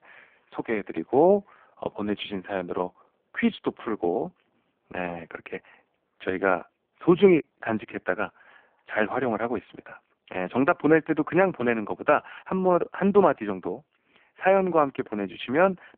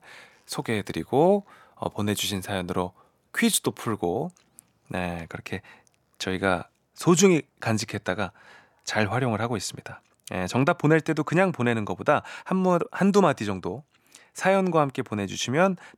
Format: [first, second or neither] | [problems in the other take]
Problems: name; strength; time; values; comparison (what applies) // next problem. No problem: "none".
second | phone-call audio; poor line; nothing above 3.5 kHz